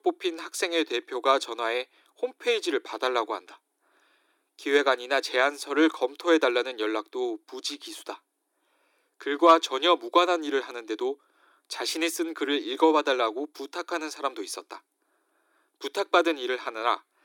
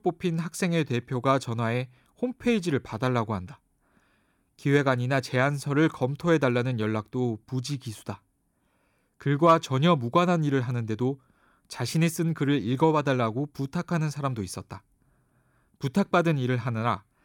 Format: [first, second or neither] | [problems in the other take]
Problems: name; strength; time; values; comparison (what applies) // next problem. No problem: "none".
second | thin; very; fading below 300 Hz